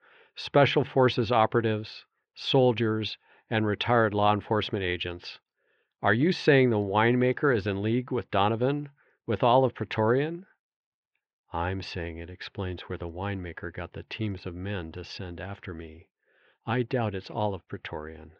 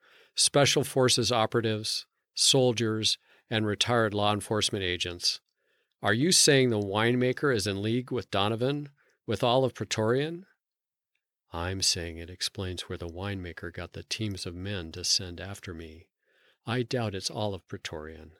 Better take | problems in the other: second | muffled; very; fading above 3 kHz

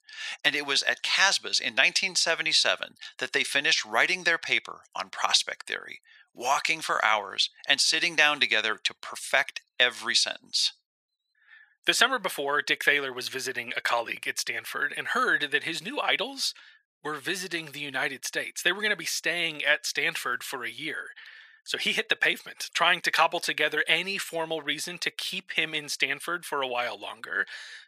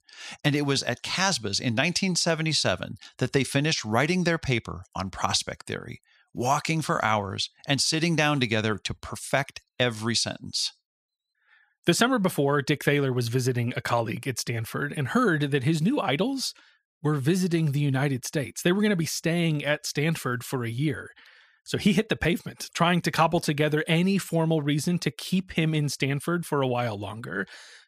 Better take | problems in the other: second | thin; very; fading below 550 Hz

